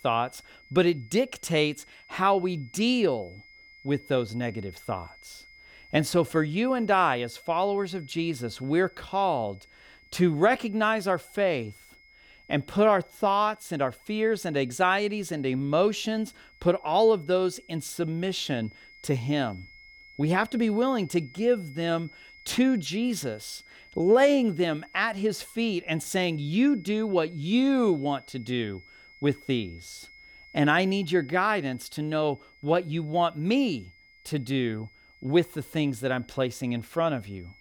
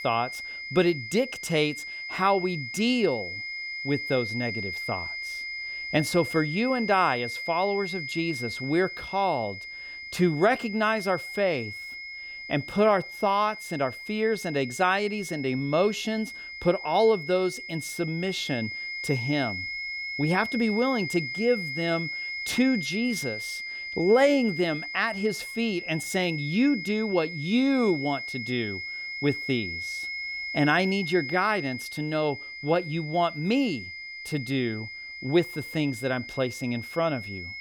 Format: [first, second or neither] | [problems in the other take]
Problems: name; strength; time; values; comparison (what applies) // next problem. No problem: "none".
first | high-pitched whine; loud; throughout; 2 kHz, 7 dB below the speech; faint in the first